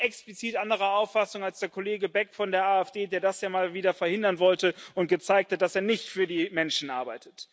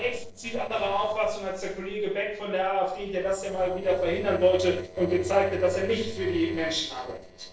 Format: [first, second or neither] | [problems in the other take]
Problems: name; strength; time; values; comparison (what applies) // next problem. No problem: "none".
first | noise reduction (neural separator model SepFormer DNS4)